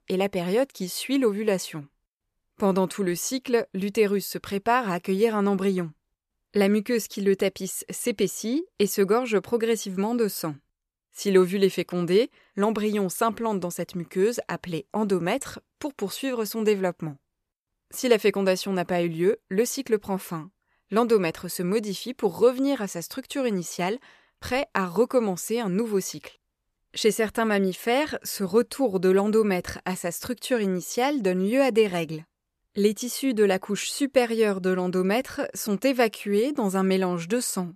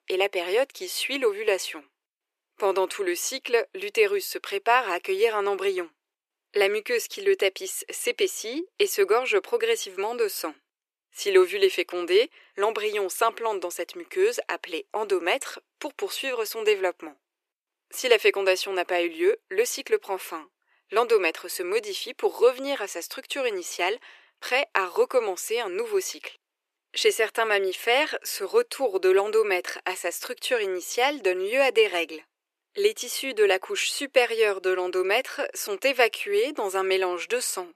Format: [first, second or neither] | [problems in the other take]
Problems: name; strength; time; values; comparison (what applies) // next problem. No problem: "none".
first | thin; very; fading below 350 Hz